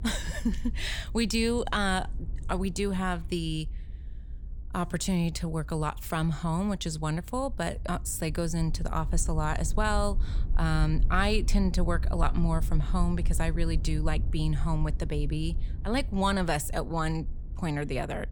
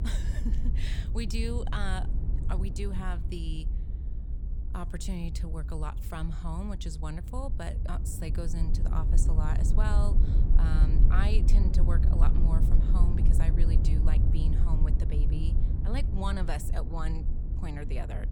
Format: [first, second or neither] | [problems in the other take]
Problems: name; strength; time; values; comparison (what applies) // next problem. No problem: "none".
first | low rumble; loud; throughout; 5 dB below the speech; faint in the first